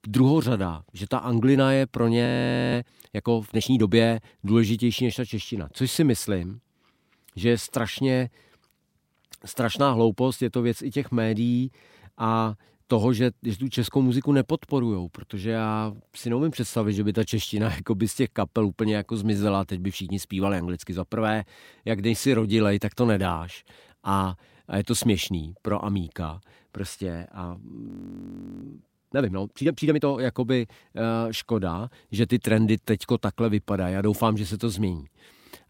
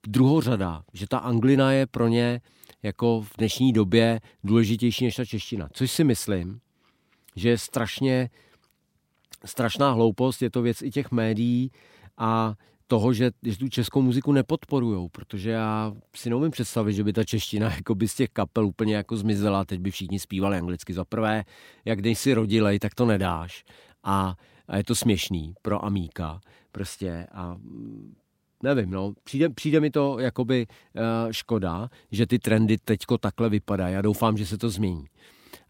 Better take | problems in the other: second | audio freezing; at 2.5 s and at 28 s for 1 s

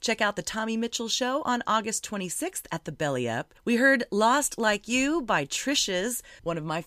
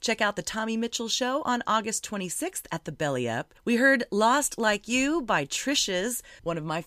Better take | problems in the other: neither | none

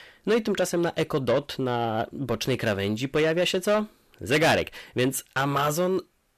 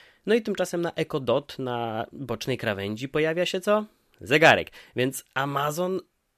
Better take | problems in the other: second | distortion; heavy; 7 dB below the speech

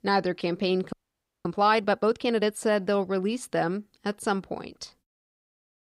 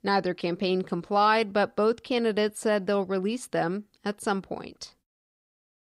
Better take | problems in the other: second | audio freezing; at 1 s for 0.5 s

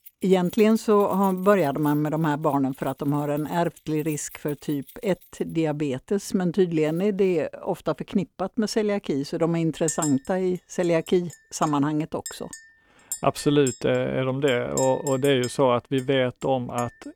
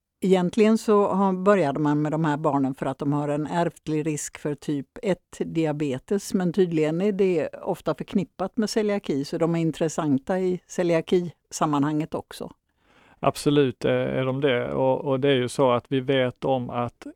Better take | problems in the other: second | household noises; noticeable; throughout; 15 dB below the speech

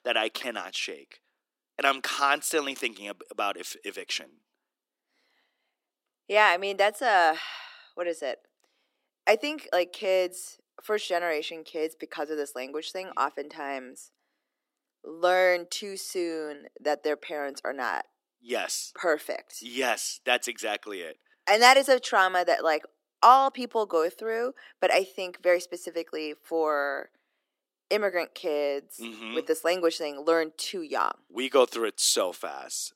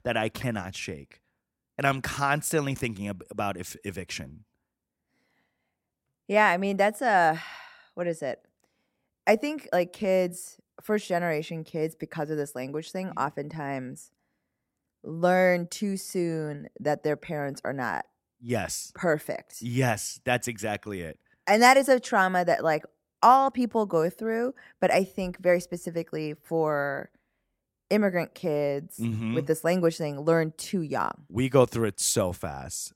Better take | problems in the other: second | thin; somewhat; fading below 300 Hz

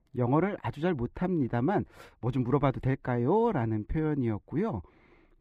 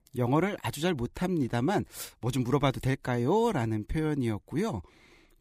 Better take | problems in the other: second | muffled; very; fading above 3.5 kHz

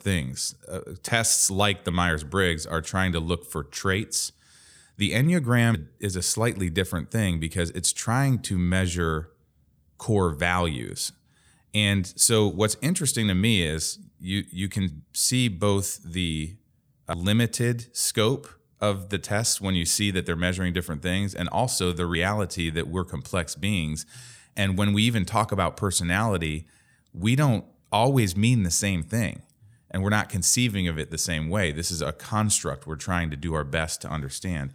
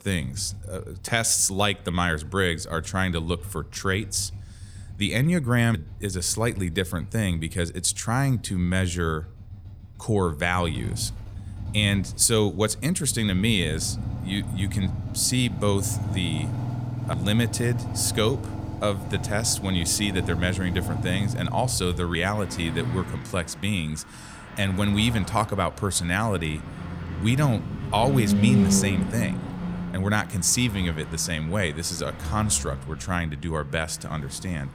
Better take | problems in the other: first | traffic noise; loud; throughout; 7 dB below the speech

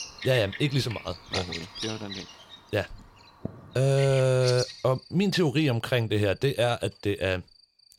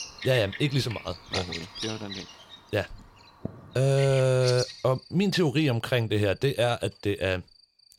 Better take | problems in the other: neither | animal sounds; noticeable; throughout; 10 dB below the speech; the same in both

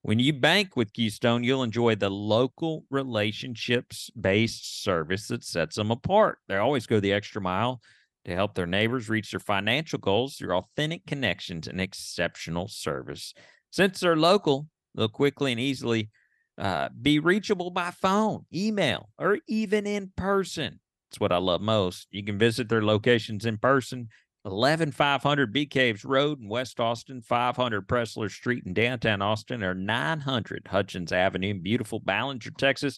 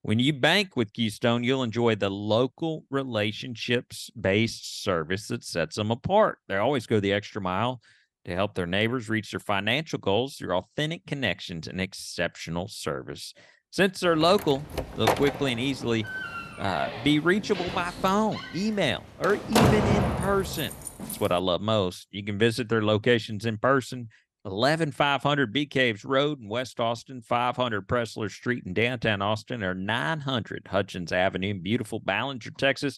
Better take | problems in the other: first | door banging; loud; from 14 to 21 s; peak 5 dB above the speech

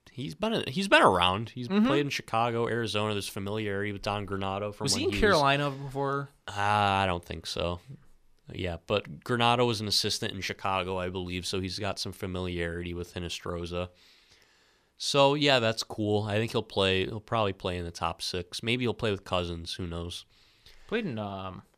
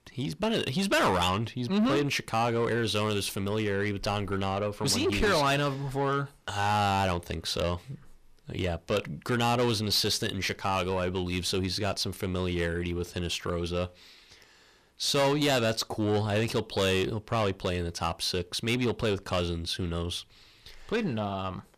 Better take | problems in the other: first | distortion; heavy; 8 dB below the speech

